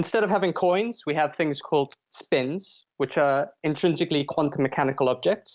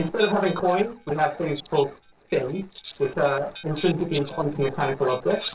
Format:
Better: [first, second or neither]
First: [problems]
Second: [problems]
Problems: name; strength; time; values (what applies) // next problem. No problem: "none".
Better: first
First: none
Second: noise reduction (neural separator model SepFormer DNS4)